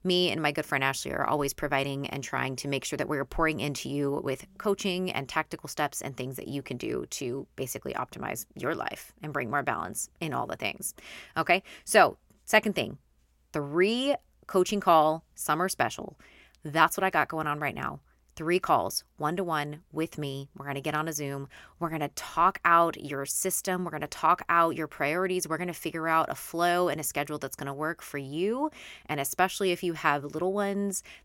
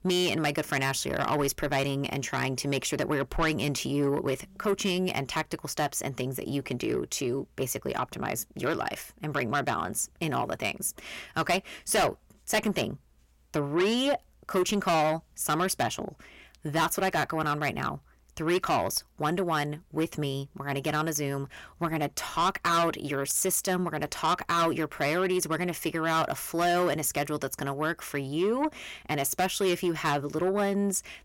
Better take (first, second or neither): first